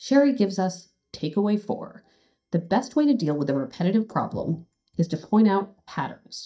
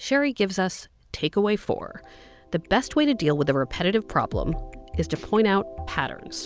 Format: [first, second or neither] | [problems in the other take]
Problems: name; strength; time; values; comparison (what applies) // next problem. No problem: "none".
second | noise reduction (neural mask model DeepFilterNet 3)